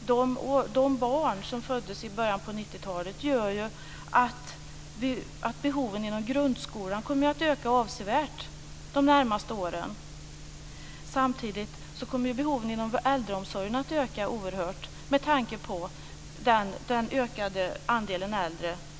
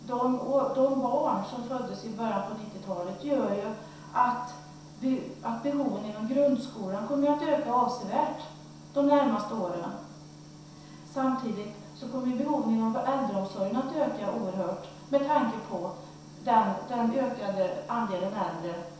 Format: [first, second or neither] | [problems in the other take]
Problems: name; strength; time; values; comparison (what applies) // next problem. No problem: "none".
first | room echo; dies away in 0.7 s